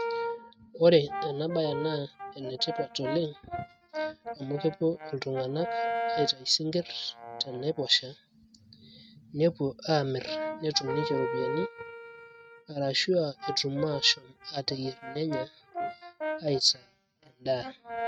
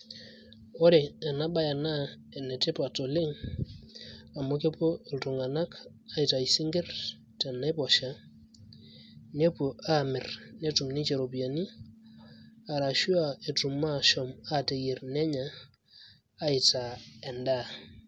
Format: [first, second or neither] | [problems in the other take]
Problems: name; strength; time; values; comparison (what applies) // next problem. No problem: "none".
second | noise reduction (neural mask model RNNoise)